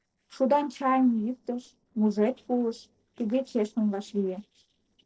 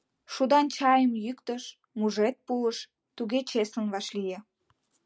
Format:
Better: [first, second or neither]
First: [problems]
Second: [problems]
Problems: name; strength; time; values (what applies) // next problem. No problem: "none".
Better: second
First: noise reduction (neural separator model SepFormer DNS4)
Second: none